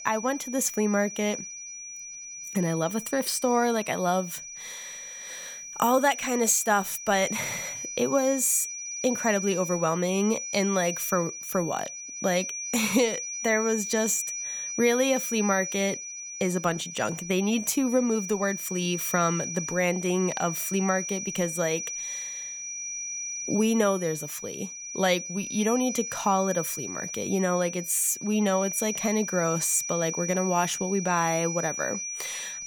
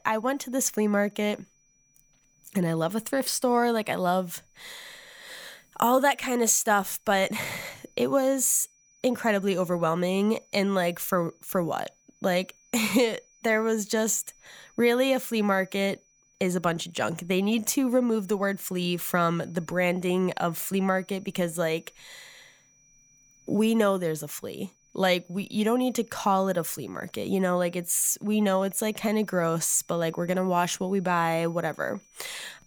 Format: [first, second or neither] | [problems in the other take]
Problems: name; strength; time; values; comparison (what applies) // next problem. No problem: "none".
second | high-pitched whine; loud; throughout; 6 kHz, 7 dB below the speech; faint in the second